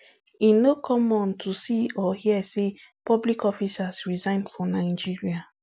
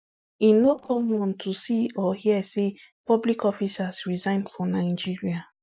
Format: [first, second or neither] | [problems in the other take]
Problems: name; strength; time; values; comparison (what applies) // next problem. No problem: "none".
first | noise reduction (neural mask model DeepFilterNet 3)